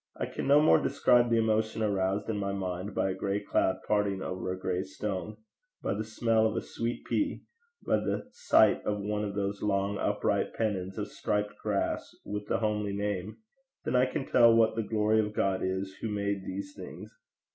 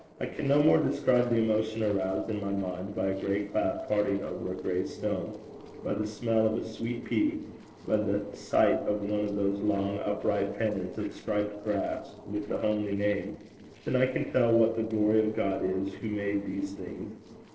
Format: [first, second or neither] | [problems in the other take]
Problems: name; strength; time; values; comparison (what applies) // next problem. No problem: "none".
first | noise reduction (neural separator model SepFormer DNS4)